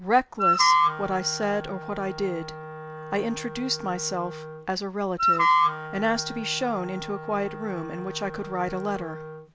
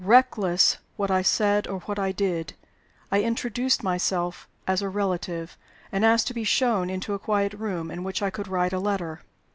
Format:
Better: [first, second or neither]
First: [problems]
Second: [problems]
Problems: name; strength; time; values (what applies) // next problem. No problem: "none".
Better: second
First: background sound (Wind instrument, woodwind instrument); as loud as the speech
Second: none